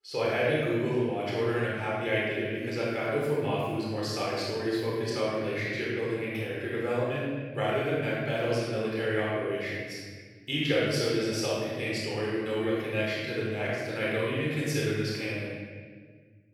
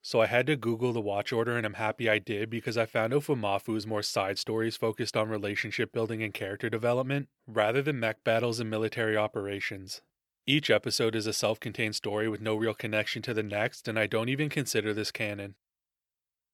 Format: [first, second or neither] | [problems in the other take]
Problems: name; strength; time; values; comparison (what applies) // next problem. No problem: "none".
second | room echo; strong; dies away in 1.6 s // off-mic speech; far